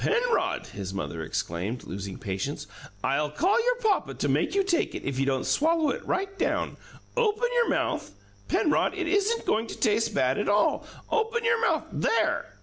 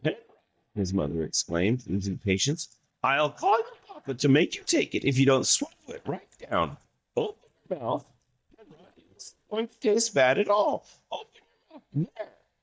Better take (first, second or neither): first